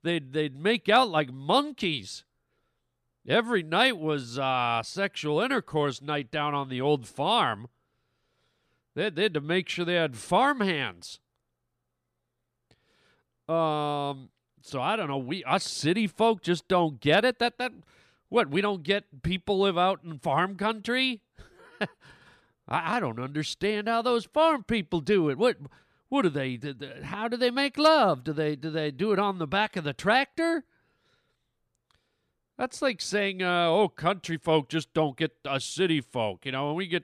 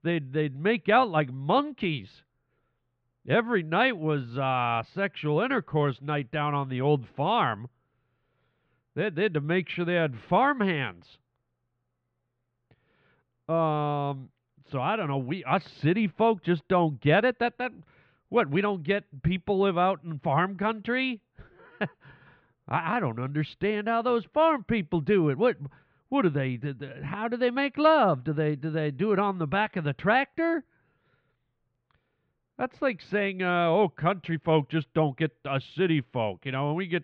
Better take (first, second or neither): first